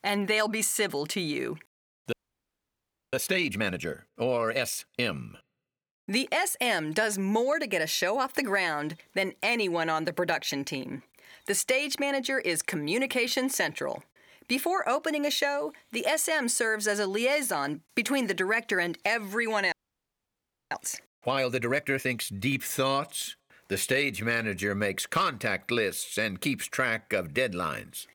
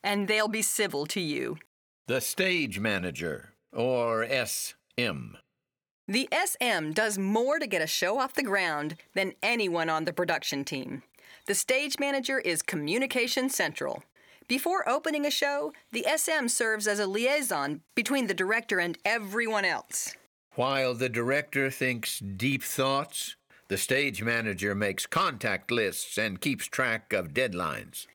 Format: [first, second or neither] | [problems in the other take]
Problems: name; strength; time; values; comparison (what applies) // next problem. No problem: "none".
second | audio freezing; at 2 s for 1 s and at 20 s for 1 s